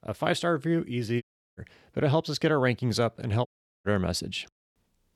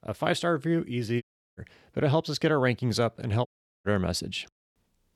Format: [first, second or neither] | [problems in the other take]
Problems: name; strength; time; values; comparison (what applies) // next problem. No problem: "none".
neither | audio cutting out; at 1 s and at 3.5 s; the same in both